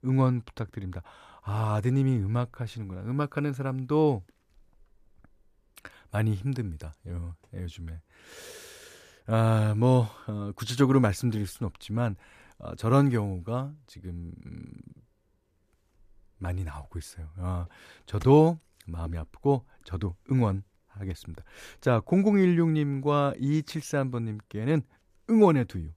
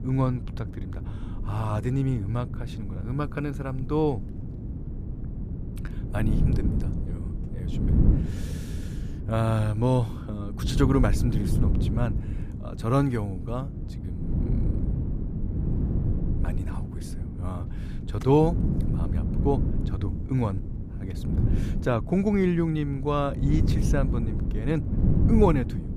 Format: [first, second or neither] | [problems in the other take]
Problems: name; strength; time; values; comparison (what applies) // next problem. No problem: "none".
first | wind noise on the microphone; heavy; 10 dB below the speech